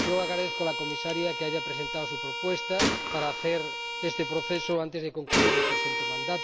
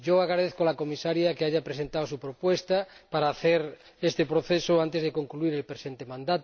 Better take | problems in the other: second | background sound (Gunshot, gunfire + Bowed string instrument); 2 dB above the speech

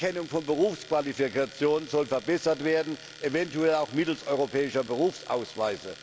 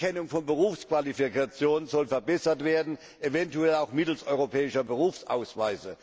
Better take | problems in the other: second | background sound (Domestic sounds, home sounds); 20 dB below the speech

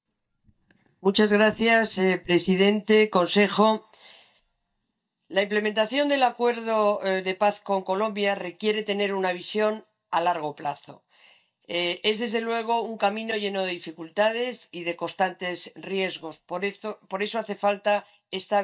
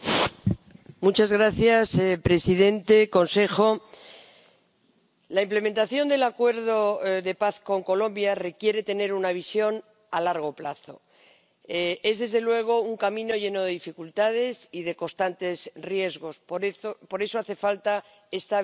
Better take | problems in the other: second | noise reduction (neural mask model DeepFilterNet 3)

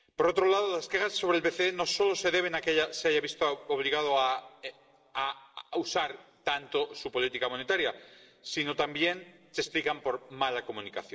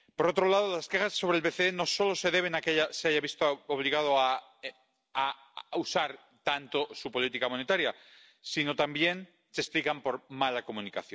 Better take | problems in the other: second | room echo; dies away in 2.2 s

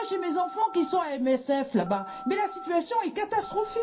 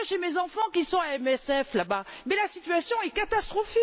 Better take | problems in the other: second | background sound (Telephone); 15 dB below the speech // room echo; dies away in 0.3 s

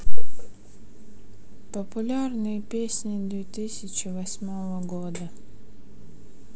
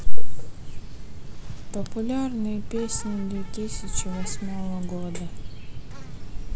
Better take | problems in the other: first | background sound (Insect); 14 dB below the speech

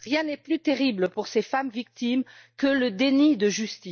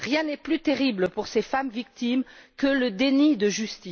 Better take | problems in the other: second | noise reduction (neural mask model DeepFilterNet 3)

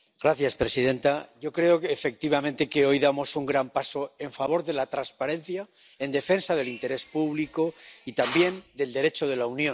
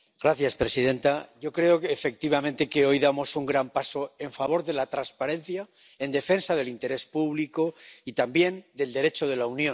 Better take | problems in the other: second | background sound (Drill); 16 dB below the speech

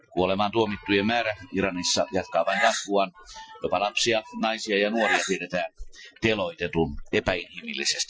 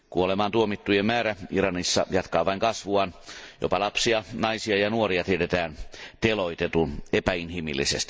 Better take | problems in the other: second | noise reduction (classical method Wiener filter)

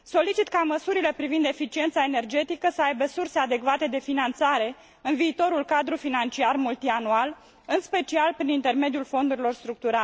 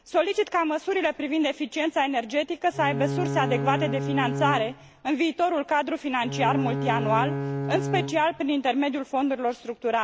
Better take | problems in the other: first | background sound (Bowed string instrument); 4 dB below the speech

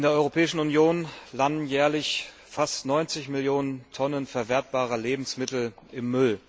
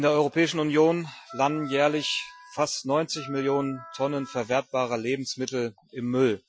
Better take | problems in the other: first | noise reduction (classical method Wiener filter)

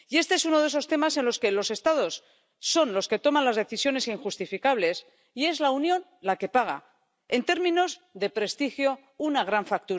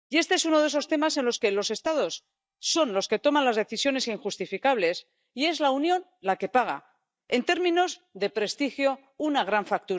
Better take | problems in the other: first | noise reduction (neural mask model DeepFilterNet 3)

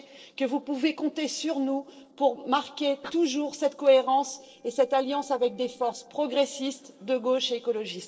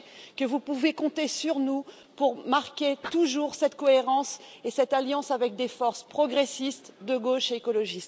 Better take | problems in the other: second | noise reduction (neural separator model SepFormer DNS4)

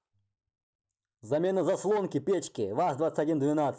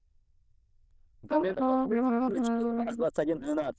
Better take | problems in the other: first | noise reduction (neural diffusion model UNIVERSE++)

